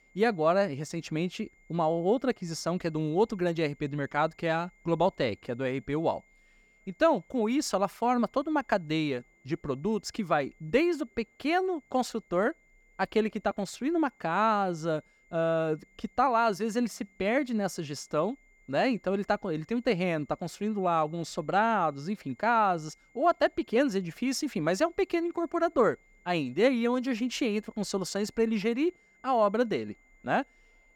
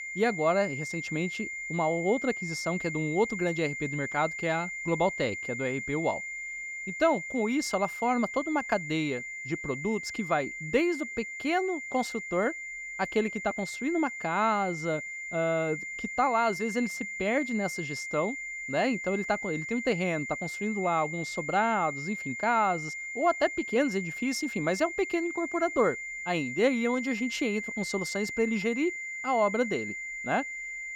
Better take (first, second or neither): first